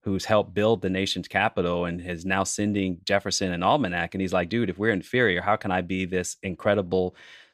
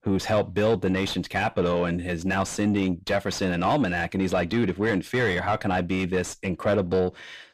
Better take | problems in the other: first | distortion; heavy; 8 dB below the speech

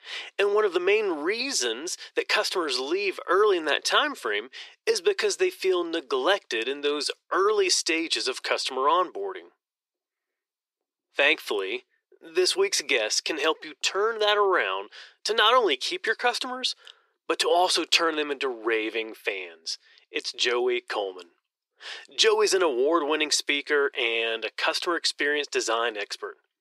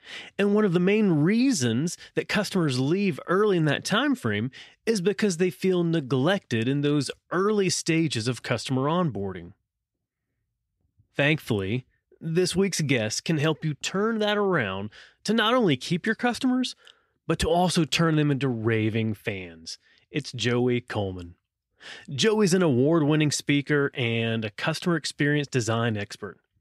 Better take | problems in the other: second | thin; very; fading below 350 Hz

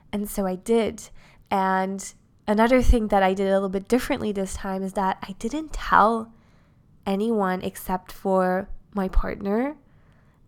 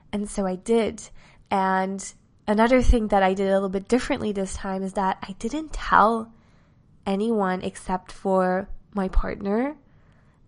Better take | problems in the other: first | garbled, watery; slightly; nothing above 10.5 kHz

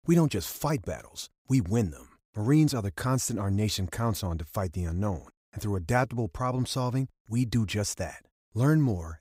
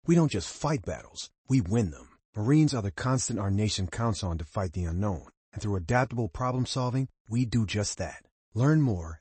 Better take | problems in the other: first | garbled, watery; slightly; nothing above 8 kHz

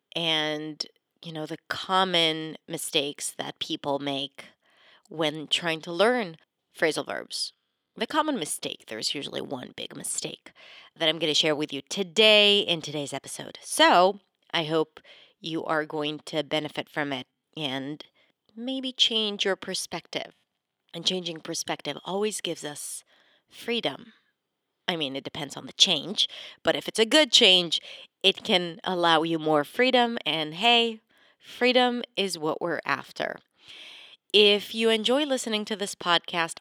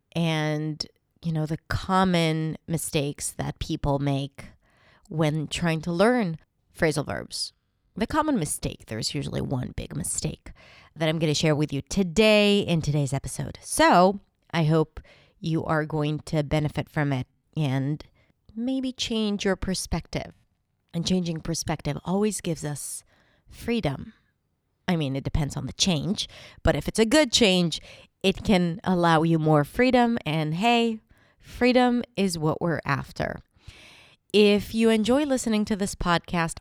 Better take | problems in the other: second | thin; somewhat; fading below 350 Hz

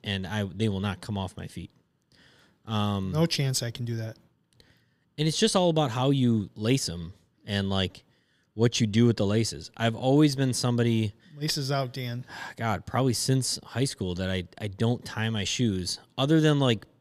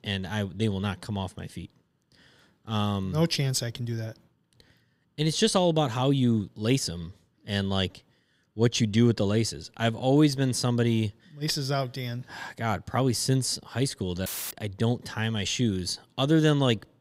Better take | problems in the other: first | audio cutting out; filled with static; at 14 s

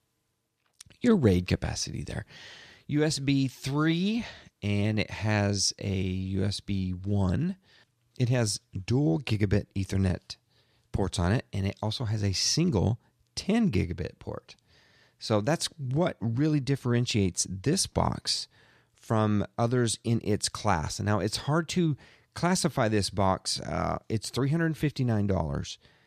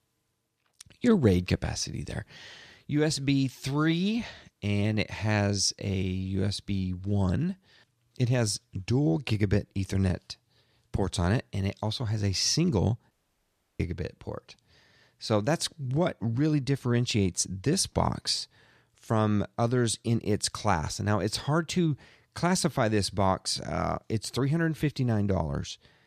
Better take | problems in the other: first | audio cutting out; at 13 s for 0.5 s

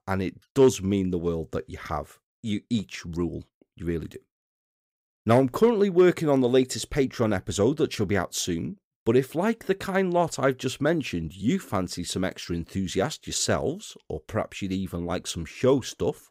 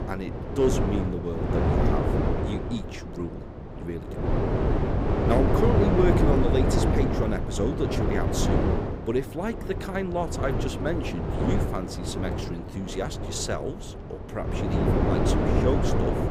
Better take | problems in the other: first | wind noise on the microphone; heavy; 2 dB above the speech

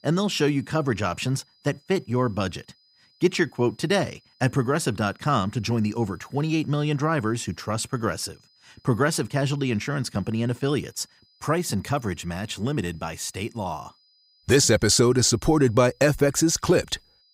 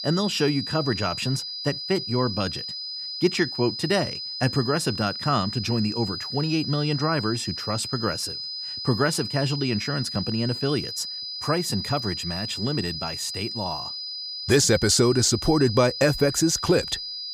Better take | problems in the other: first | high-pitched whine; loud; throughout; 5 kHz, 6 dB below the speech; faint in the first

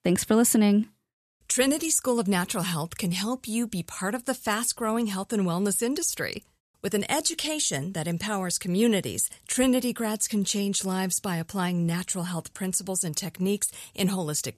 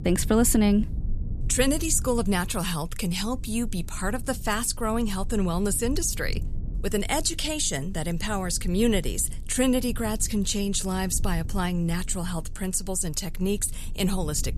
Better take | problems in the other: first | low rumble; faint; throughout; 25 dB below the speech

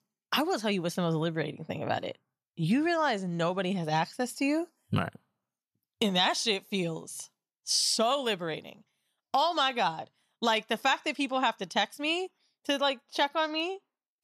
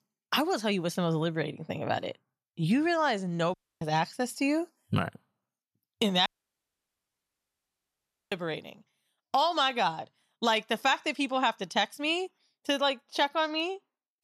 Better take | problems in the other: first | audio cutting out; at 3.5 s and at 6.5 s for 2 s

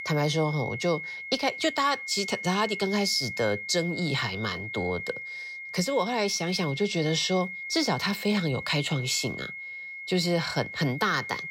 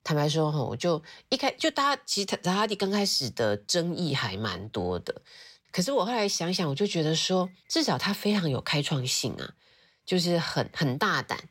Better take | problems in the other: second | high-pitched whine; loud; throughout; 2 kHz, 8 dB below the speech

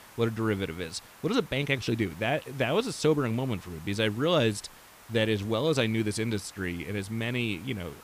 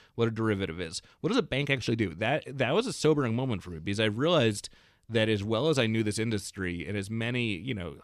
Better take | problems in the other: second | hiss; faint; throughout; 20 dB below the speech

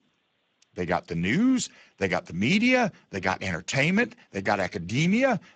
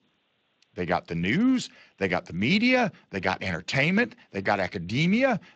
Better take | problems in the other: second | garbled, watery; badly; nothing above 7.5 kHz; slightly in the second

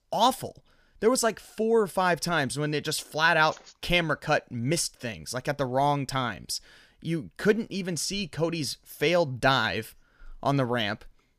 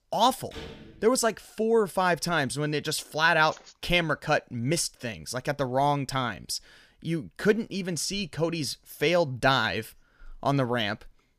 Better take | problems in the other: first | door banging; faint; at 0.5 s; peak 15 dB below the speech

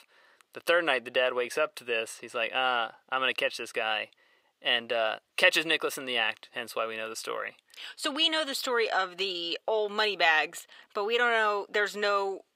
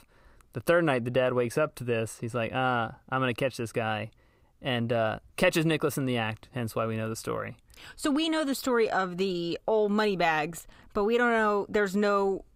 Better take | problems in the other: second | thin; very; fading below 500 Hz

